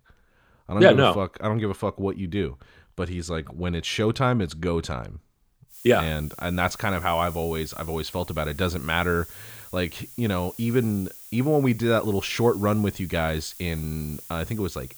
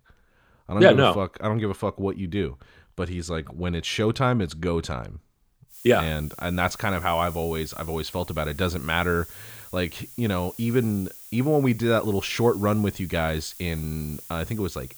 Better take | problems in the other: neither | hiss; noticeable; from 5.5 s on; 15 dB below the speech; the same in both

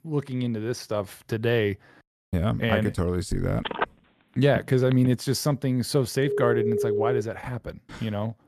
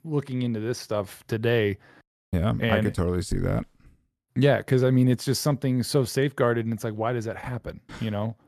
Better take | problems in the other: second | phone ringing; noticeable; from 3.5 to 5 s; peak 4 dB below the speech // phone ringing; loud; at 6 s; peak level with the speech

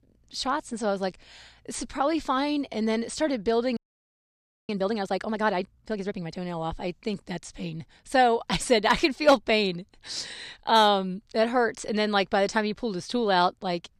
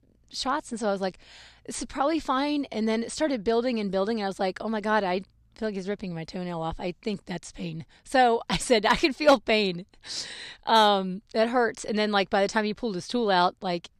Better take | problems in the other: second | audio freezing; at 4 s for 1 s

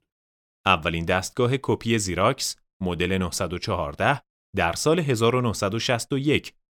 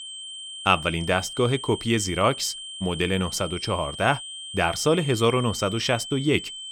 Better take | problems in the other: first | high-pitched whine; loud; throughout; 3 kHz, 10 dB below the speech

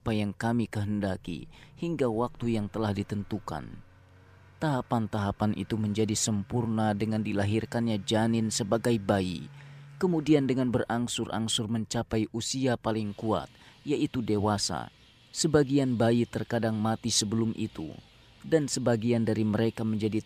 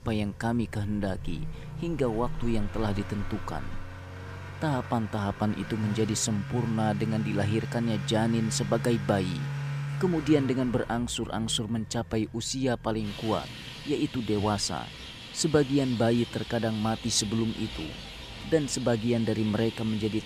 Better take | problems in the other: first | traffic noise; loud; throughout; 10 dB below the speech; faint in the first

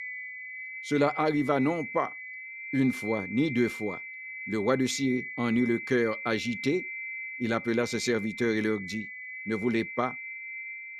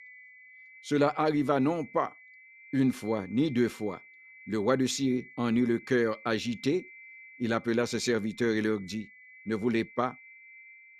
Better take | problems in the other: second | high-pitched whine; loud; throughout; 2 kHz, 8 dB below the speech; faint in the second

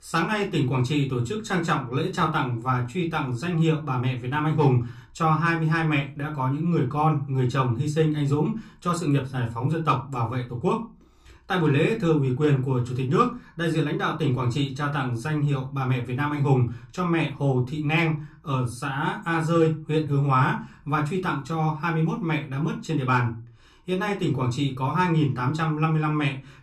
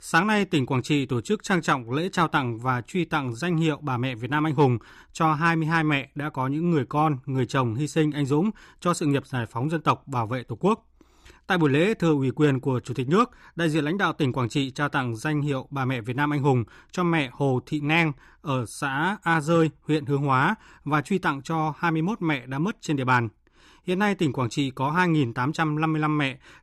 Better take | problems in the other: second | off-mic speech; somewhat distant // room echo; very slight; dies away in 0.2 s

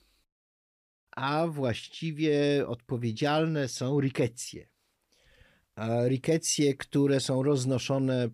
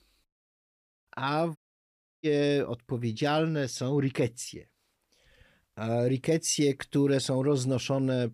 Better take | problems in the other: first | audio cutting out; at 1.5 s for 0.5 s

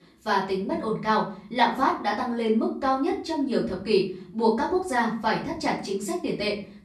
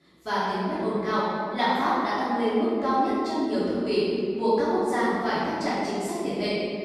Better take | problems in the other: first | room echo; strong; dies away in 2.3 s; slight in the first // off-mic speech; far; far in the first

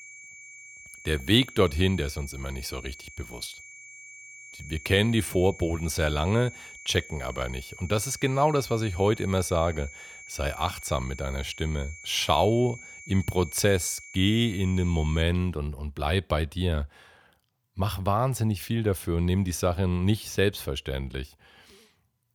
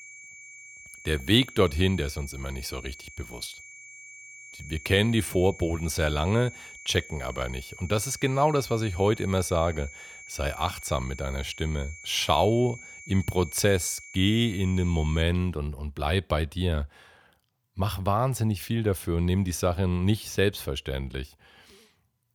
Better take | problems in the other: neither | high-pitched whine; noticeable; until 15 s; 2.5 kHz, 15 dB below the speech; the same in both

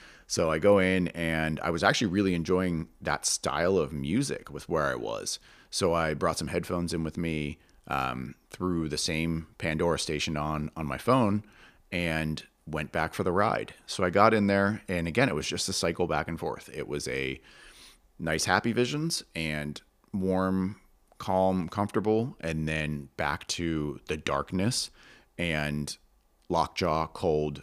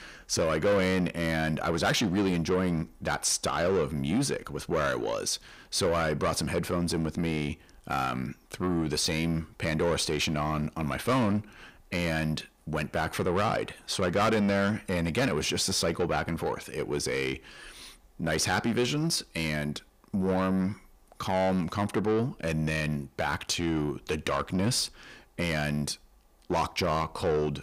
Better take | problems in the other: first | distortion; heavy; 8 dB below the speech

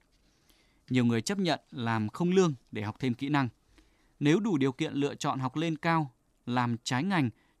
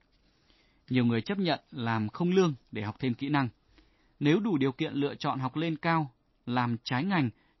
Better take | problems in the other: first | garbled, watery; slightly; nothing above 5.5 kHz

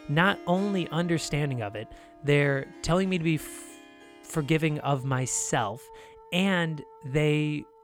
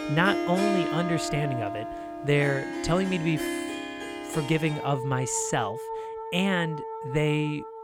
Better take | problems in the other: first | background music; loud; throughout; 5 dB below the speech; faint in the first

